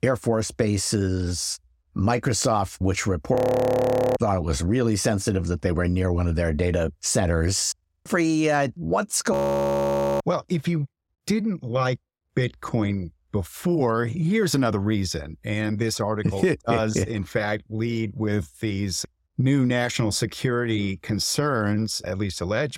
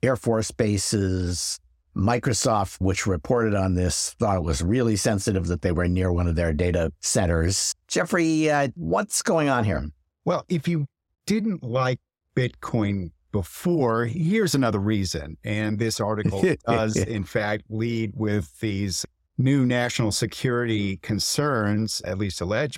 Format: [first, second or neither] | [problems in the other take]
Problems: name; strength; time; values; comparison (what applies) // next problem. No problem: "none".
second | audio freezing; at 3.5 s for 1 s, at 8 s and at 9.5 s for 1 s